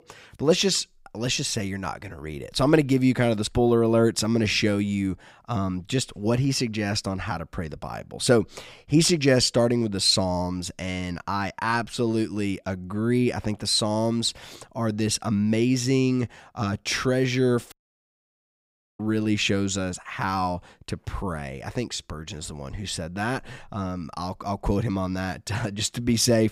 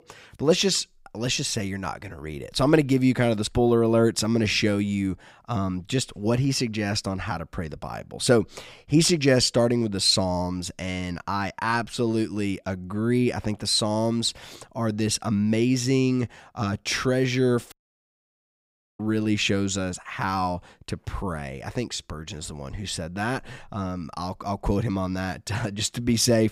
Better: neither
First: audio cutting out; at 18 s for 1.5 s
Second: audio cutting out; at 18 s for 1.5 s

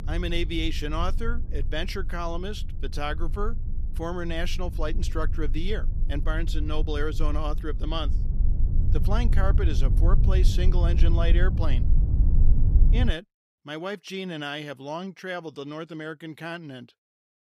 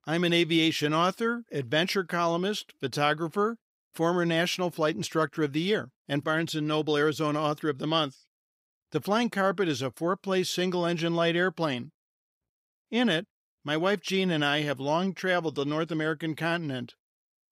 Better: second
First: low rumble; noticeable; until 13 s; 10 dB below the speech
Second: none

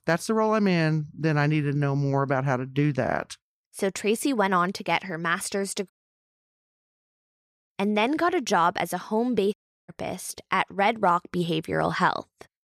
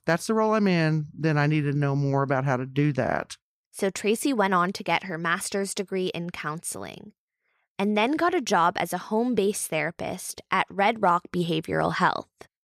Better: second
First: audio cutting out; at 6 s for 2 s and at 9.5 s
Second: none

